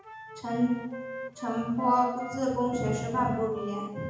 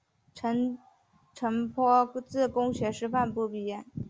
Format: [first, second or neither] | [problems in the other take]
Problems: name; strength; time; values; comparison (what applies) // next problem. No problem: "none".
second | background sound (Wind instrument, woodwind instrument); 12 dB below the speech // room echo; dies away in 0.9 s